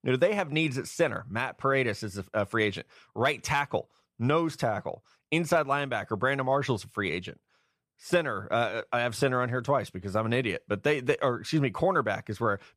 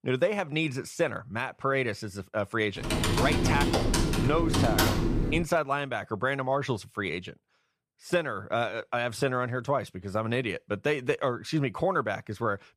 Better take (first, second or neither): first